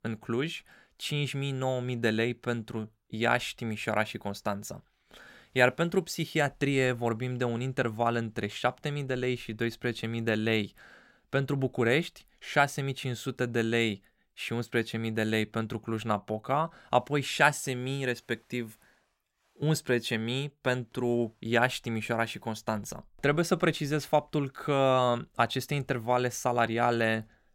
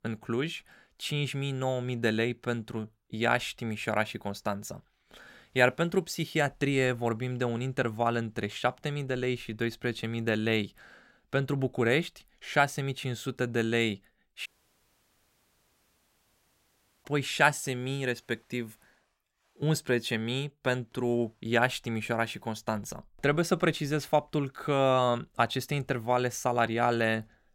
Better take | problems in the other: first | audio cutting out; at 14 s for 2.5 s

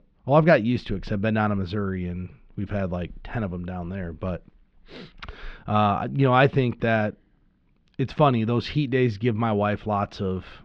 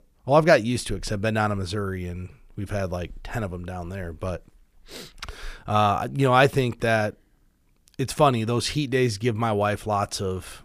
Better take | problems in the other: second | muffled; slightly; fading above 3.5 kHz

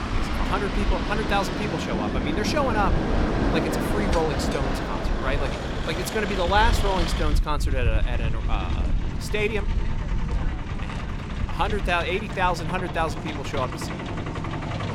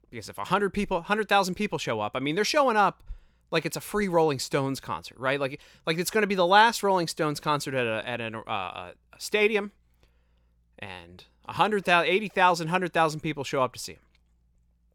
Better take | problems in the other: second | traffic noise; very loud; throughout; as loud as the speech

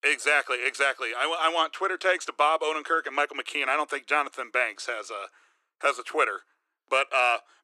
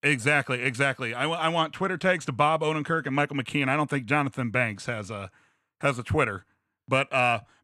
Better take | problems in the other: second | thin; very; fading below 350 Hz

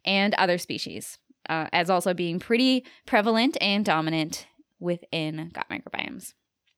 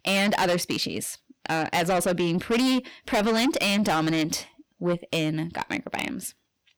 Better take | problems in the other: first | distortion; heavy; 6 dB below the speech

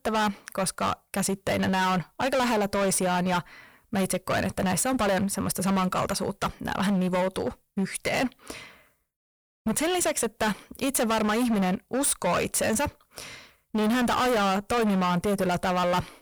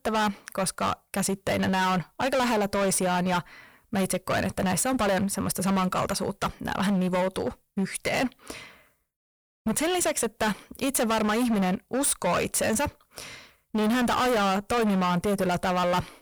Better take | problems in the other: neither | distortion; heavy; 22% of the sound clipped; the same in both

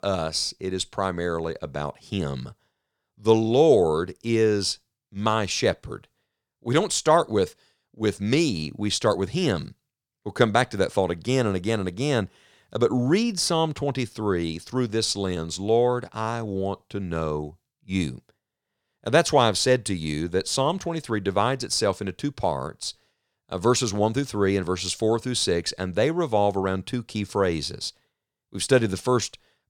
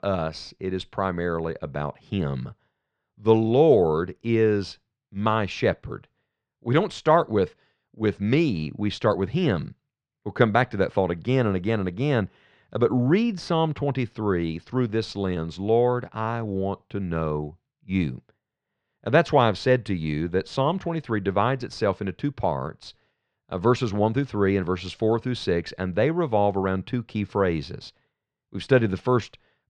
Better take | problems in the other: first | muffled; slightly; fading above 2.5 kHz

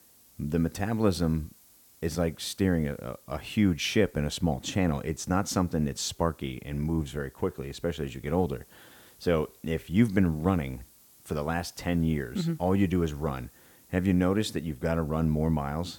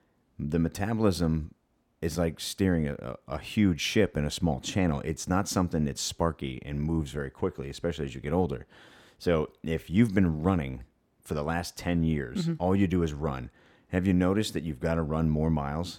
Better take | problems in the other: second | hiss; faint; throughout; 25 dB below the speech

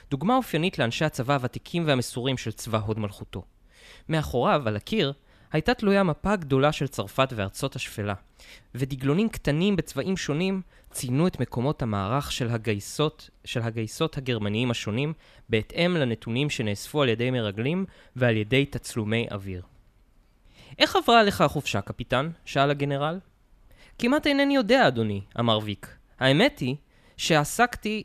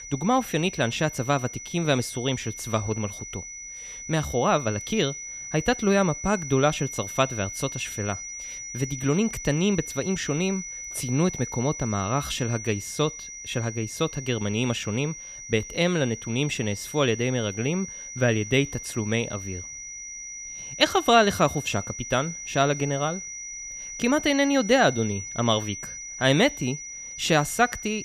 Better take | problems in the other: first | high-pitched whine; loud; throughout; 6 kHz, 10 dB below the speech

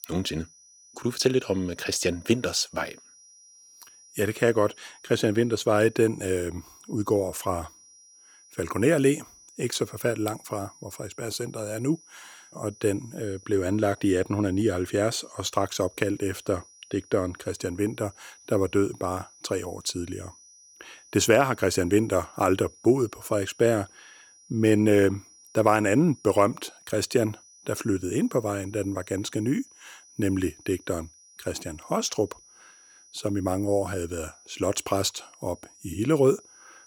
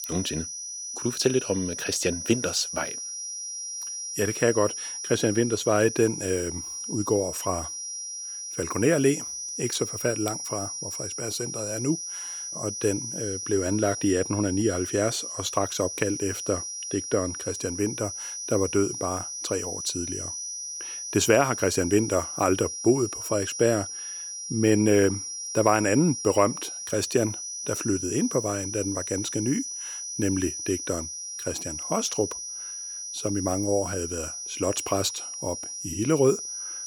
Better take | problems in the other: first | high-pitched whine; loud; throughout; 6 kHz, 5 dB below the speech; faint in the first

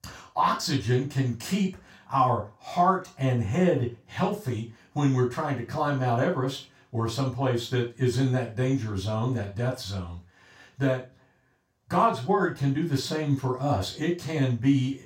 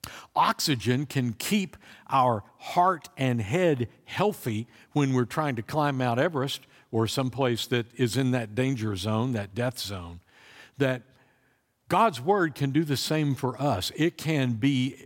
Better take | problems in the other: second | room echo; slight; dies away in 0.3 s // off-mic speech; far

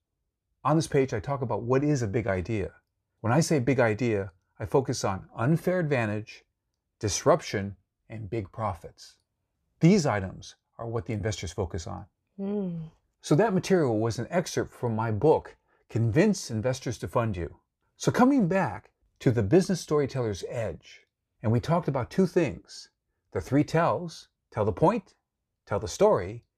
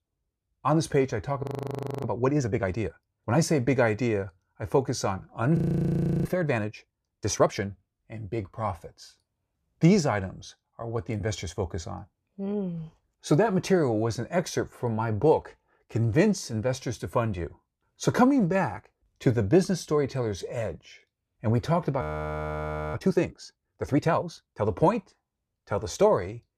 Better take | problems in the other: first | audio freezing; at 1.5 s for 0.5 s, at 5.5 s for 0.5 s and at 22 s for 1 s

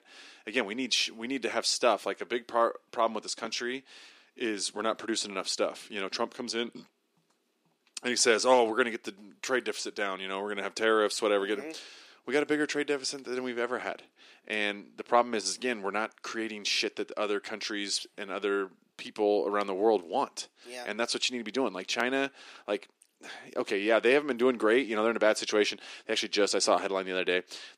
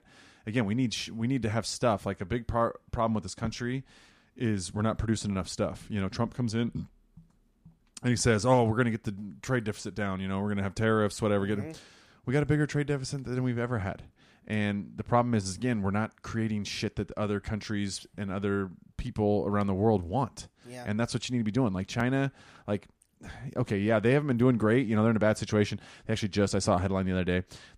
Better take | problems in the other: second | thin; somewhat; fading below 350 Hz

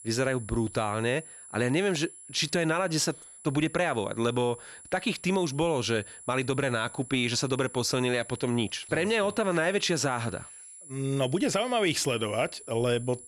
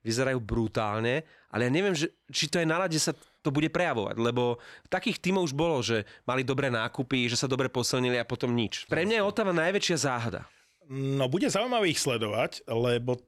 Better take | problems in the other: second | high-pitched whine; noticeable; throughout; 10.5 kHz, 15 dB below the speech

